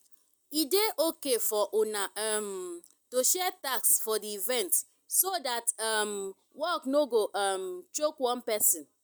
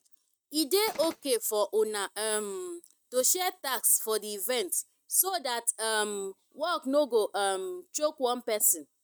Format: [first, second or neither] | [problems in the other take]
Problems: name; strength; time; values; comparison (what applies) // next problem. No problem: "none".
first | noise reduction (neural mask model RNNoise)